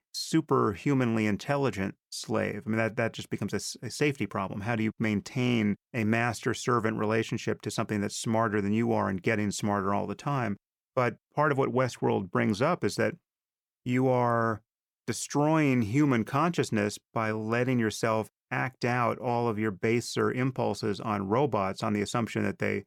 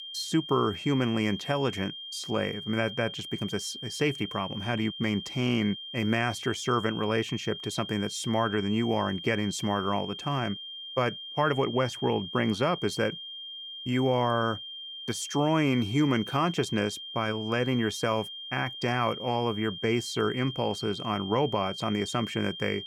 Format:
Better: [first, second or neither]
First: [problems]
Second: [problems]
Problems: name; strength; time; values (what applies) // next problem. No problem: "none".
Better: first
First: none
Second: high-pitched whine; loud; throughout; 3 kHz, 9 dB below the speech